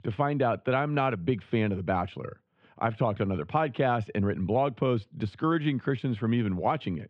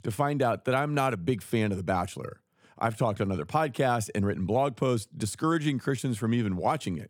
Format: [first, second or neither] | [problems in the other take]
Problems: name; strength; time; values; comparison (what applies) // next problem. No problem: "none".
second | muffled; very; fading above 3 kHz